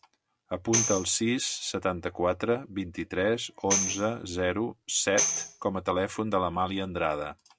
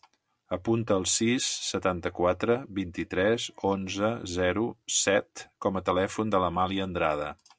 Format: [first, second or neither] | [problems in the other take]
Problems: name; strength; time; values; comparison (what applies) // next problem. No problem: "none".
second | background sound (Tambourine); 4 dB below the speech